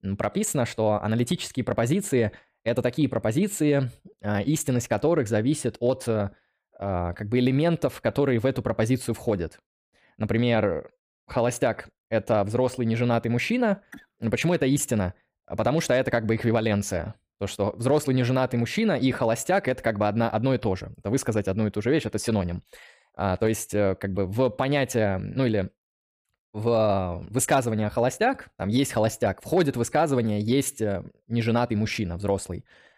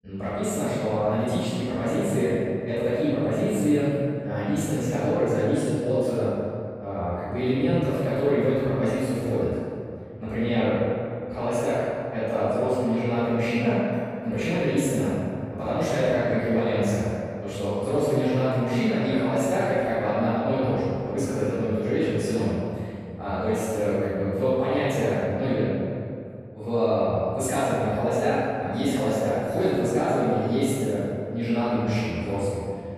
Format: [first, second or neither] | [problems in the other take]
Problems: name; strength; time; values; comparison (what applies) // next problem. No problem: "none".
first | off-mic speech; far // room echo; strong; dies away in 2.2 s